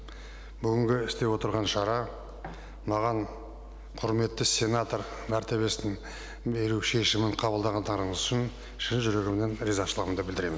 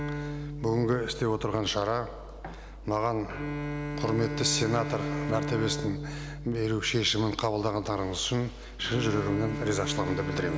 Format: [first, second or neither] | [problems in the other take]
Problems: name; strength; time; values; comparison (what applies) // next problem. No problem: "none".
first | background sound (Bowed string instrument); 6 dB below the speech